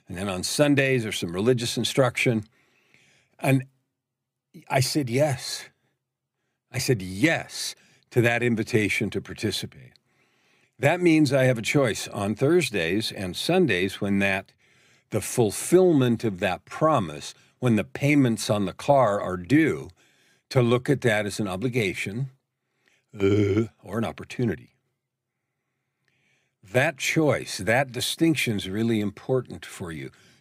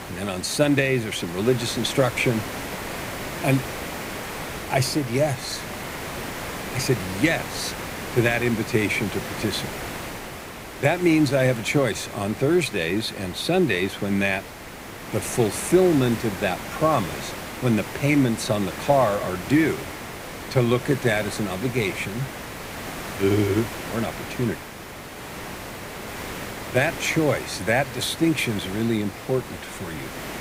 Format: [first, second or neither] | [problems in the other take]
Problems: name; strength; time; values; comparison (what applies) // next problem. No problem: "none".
first | hiss; loud; throughout; 10 dB below the speech